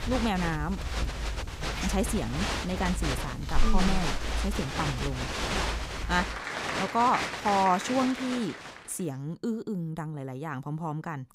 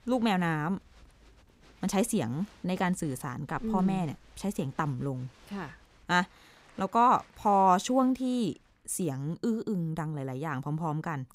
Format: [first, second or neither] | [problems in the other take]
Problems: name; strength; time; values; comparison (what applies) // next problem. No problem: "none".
second | crowd noise; loud; until 8.5 s; 2 dB below the speech; faint in the second